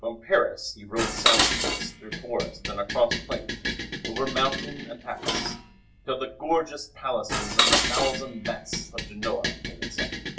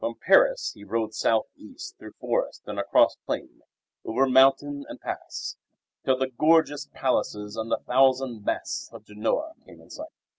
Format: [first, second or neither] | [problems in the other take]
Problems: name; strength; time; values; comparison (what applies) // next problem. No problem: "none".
second | background sound (Dishes, pots, and pans); 1 dB above the speech // room echo; dies away in 0.2 s